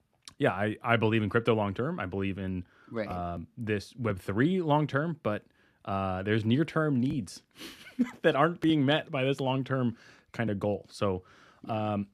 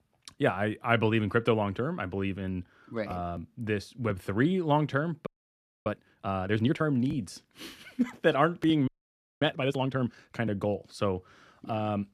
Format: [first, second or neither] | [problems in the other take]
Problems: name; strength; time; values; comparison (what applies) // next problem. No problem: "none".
first | audio freezing; at 5.5 s for 0.5 s and at 9 s for 0.5 s